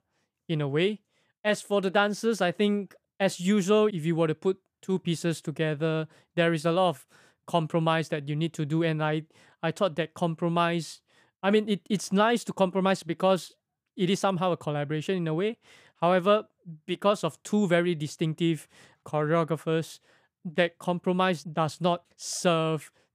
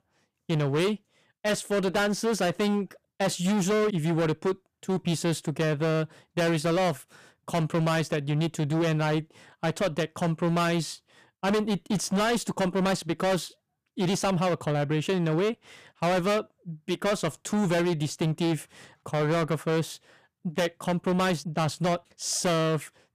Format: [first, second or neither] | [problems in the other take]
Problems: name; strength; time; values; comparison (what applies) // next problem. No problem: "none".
first | distortion; heavy; 20% of the sound clipped